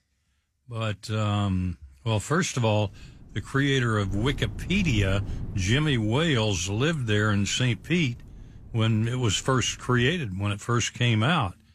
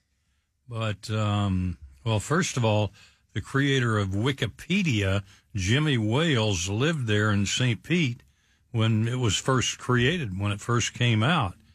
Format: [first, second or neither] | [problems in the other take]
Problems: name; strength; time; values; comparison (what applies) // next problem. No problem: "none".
second | wind noise on the microphone; occasional gusts; from 3 to 10 s; 25 dB below the speech